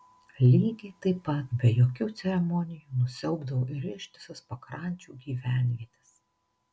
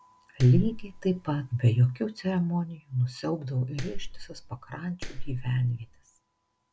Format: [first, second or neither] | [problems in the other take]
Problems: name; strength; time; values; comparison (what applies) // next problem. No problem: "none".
first | background sound (Clapping); 7 dB below the speech